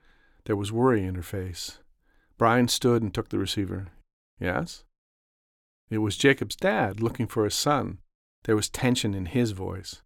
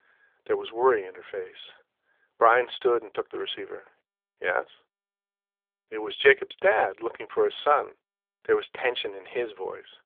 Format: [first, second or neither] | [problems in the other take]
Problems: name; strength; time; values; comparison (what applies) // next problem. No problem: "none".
first | phone-call audio; nothing above 3.5 kHz